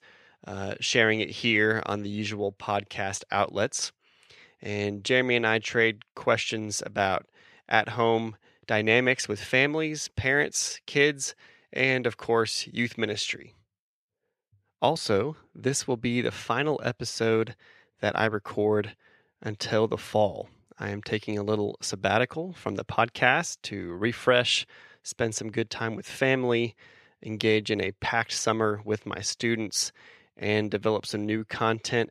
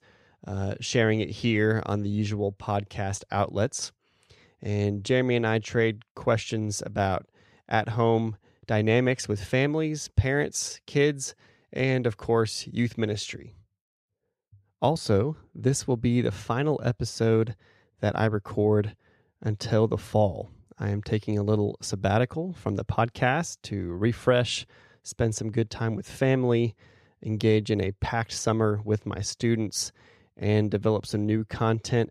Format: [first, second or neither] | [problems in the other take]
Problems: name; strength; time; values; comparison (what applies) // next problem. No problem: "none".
second | thin; very slightly; fading below 550 Hz